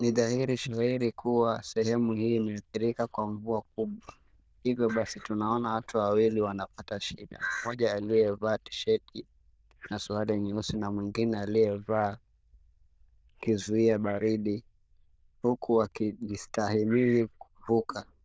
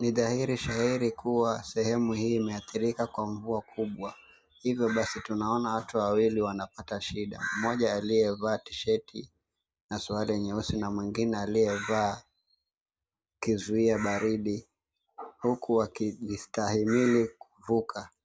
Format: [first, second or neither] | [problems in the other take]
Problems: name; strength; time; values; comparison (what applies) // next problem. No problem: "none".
second | noise reduction (neural diffusion model UNIVERSE++)